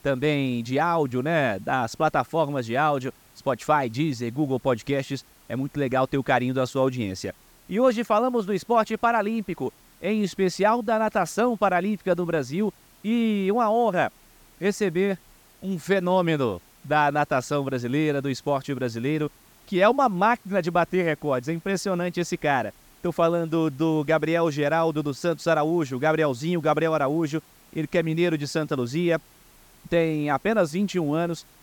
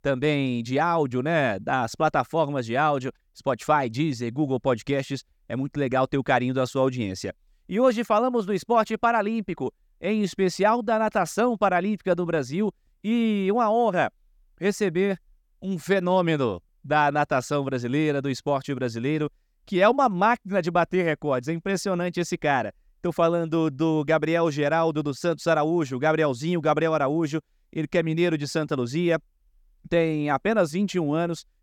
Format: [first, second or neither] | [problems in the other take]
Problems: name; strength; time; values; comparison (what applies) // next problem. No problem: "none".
second | hiss; faint; throughout; 30 dB below the speech